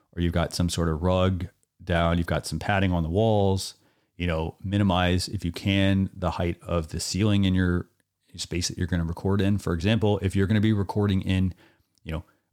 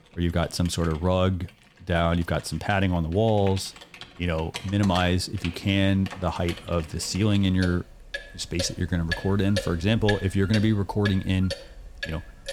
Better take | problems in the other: first | household noises; noticeable; throughout; 10 dB below the speech

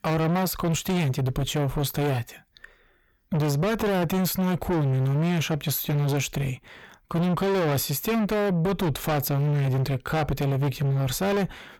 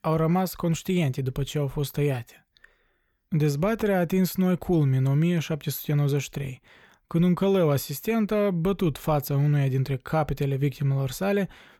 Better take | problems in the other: second | distortion; heavy; 7 dB below the speech

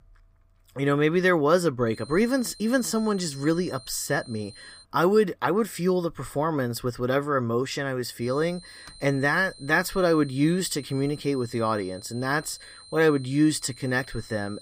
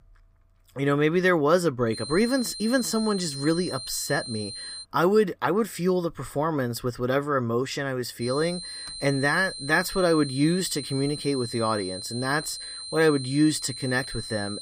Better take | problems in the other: first | high-pitched whine; loud; from 2 to 5 s and from 8 s on; 4 kHz, 9 dB below the speech; faint in the first

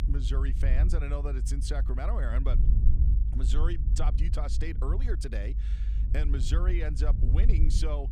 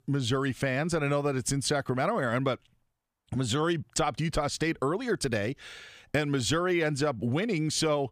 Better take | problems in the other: second | low rumble; loud; throughout; 8 dB below the speech

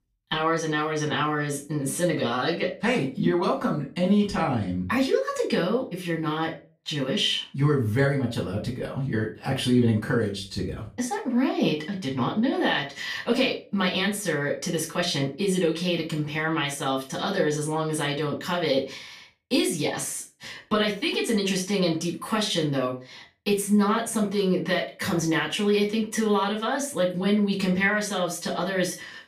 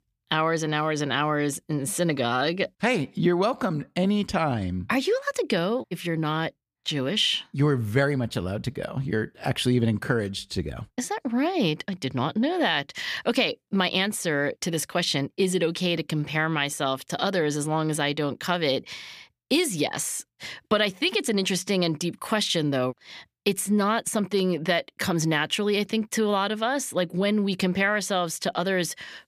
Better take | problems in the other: second | off-mic speech; far // room echo; slight; dies away in 0.3 s

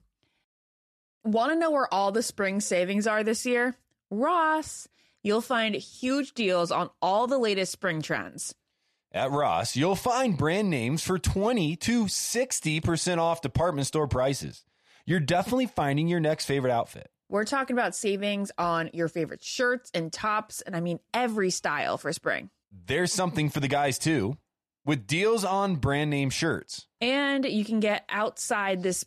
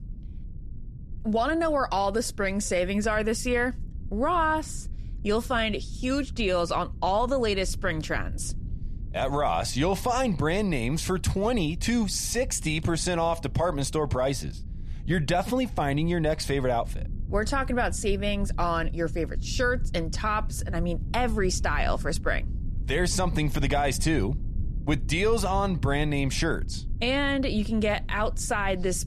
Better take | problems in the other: first | low rumble; faint; throughout; 25 dB below the speech

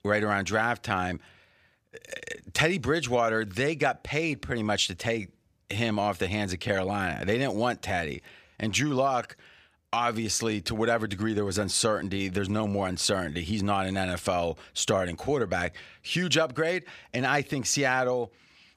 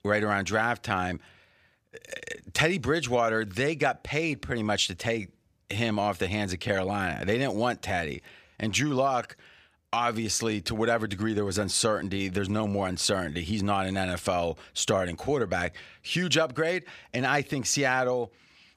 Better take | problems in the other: neither | none

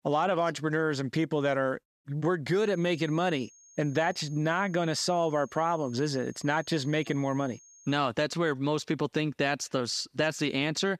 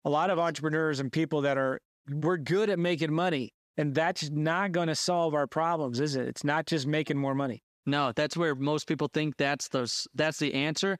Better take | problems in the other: second | high-pitched whine; faint; from 2.5 to 8 s; 6.5 kHz, 25 dB below the speech

